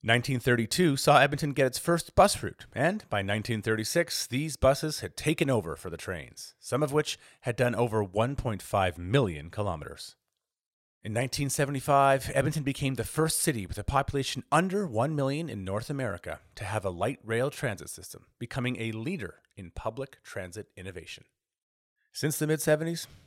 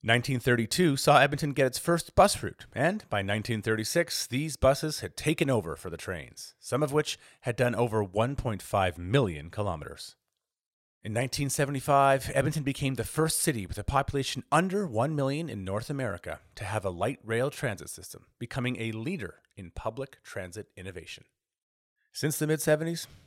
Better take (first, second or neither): neither